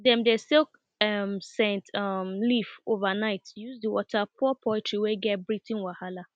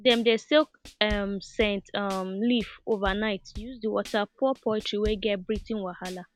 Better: first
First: none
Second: background sound (Drum / Drum kit); 16 dB below the speech

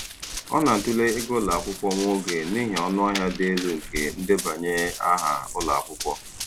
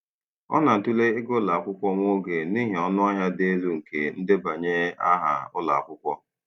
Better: second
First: background sound (Run); 10 dB below the speech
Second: none

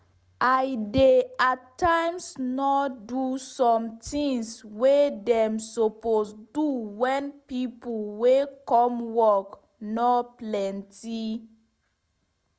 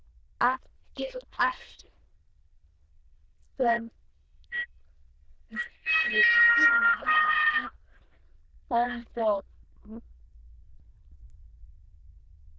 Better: first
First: none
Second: noise reduction (neural diffusion model UNIVERSE++)

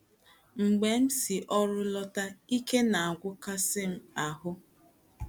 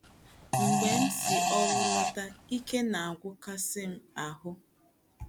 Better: first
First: none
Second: background sound (Fart); 4 dB above the speech

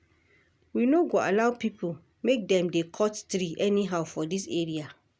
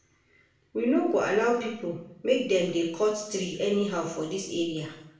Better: first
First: none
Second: room echo; dies away in 0.7 s

